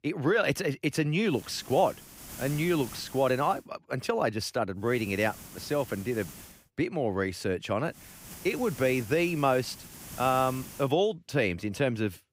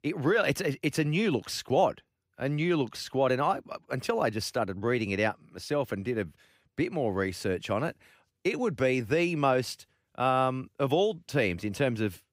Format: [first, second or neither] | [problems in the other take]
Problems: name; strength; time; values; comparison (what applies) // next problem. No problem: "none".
second | hiss; noticeable; from 1.5 to 3.5 s, from 5 to 6.5 s and from 8 to 11 s; 15 dB below the speech